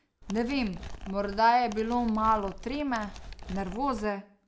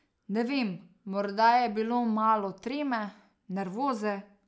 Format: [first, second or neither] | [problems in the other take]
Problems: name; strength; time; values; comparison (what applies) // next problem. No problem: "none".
second | background sound (Animal); 12 dB below the speech